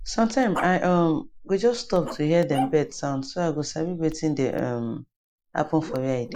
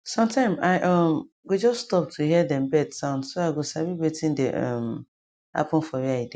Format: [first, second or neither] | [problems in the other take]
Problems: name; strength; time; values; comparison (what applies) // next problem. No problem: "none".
second | noise reduction (neural mask model Resemble Enhance denoiser)